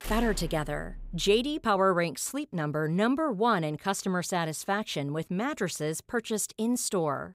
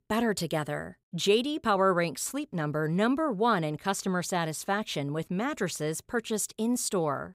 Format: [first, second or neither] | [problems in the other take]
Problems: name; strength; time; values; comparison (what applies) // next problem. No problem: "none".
second | door banging; noticeable; until 1.5 s; peak 9 dB below the speech